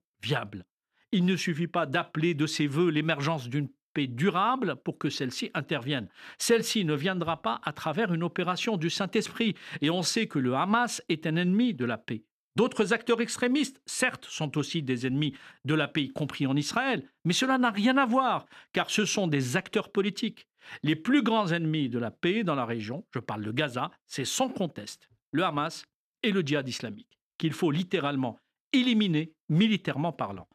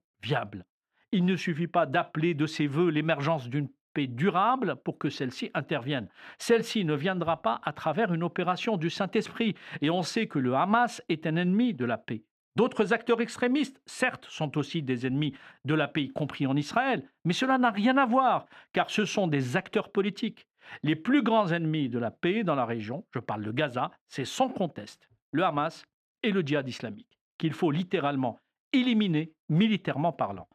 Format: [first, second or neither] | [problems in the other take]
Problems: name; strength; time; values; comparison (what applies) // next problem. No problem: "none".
first | muffled; slightly; fading above 4 kHz